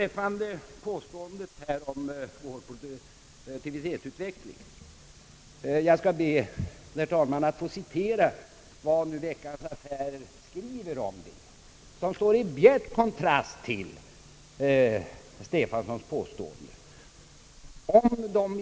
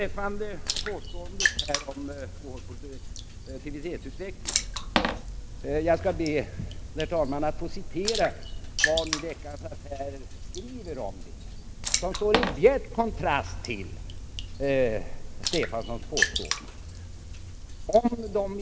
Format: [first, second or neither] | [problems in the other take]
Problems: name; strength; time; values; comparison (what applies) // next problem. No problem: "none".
first | background sound (Water / Splash, splatter); 2 dB below the speech